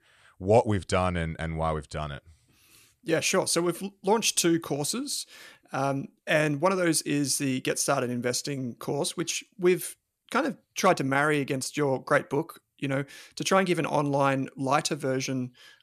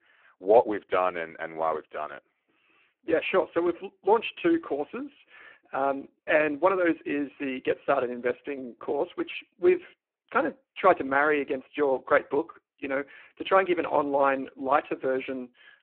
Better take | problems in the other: first | phone-call audio; poor line

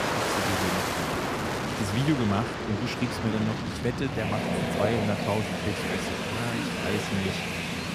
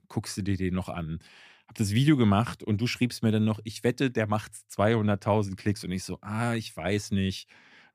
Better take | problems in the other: second | train or aircraft noise; very loud; throughout; 2 dB above the speech

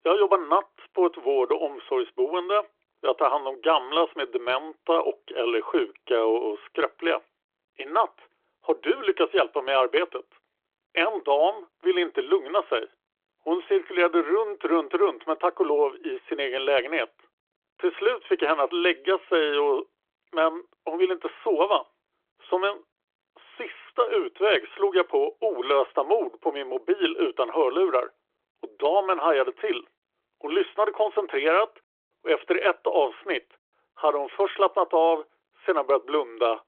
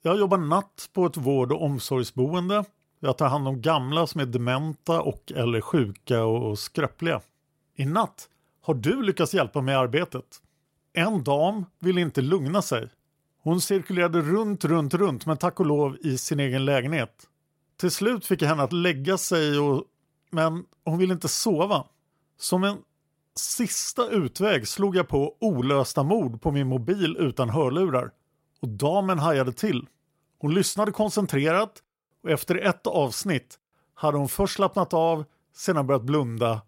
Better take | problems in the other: second | phone-call audio; nothing above 3.5 kHz

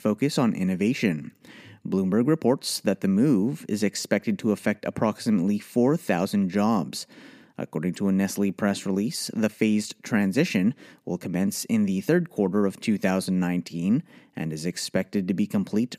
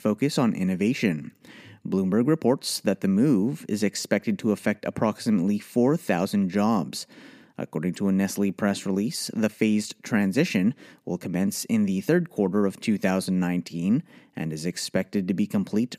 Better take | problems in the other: neither | none

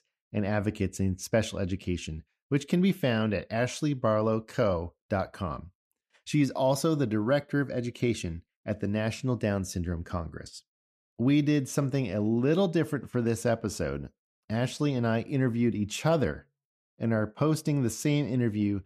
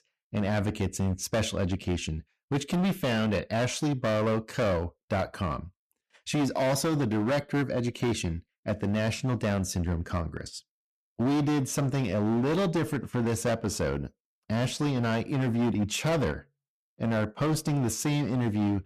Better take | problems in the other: first | distortion; heavy; 18% of the sound clipped

